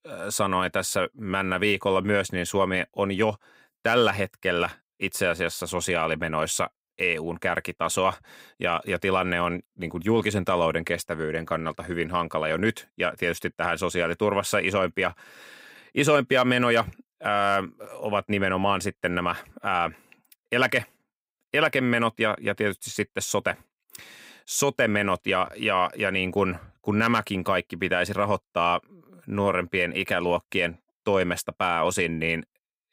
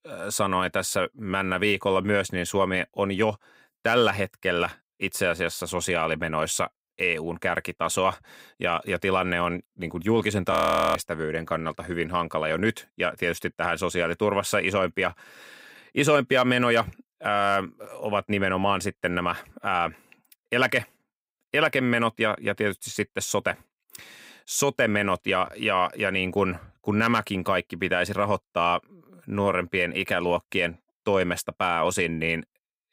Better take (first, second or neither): first